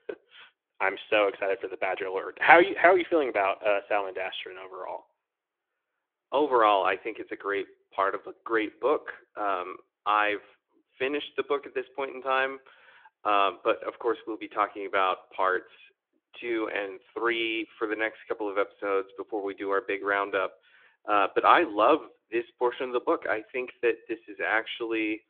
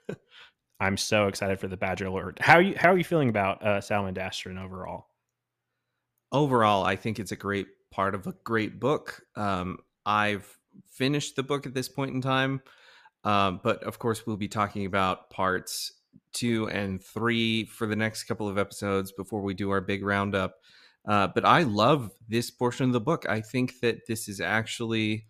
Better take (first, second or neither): second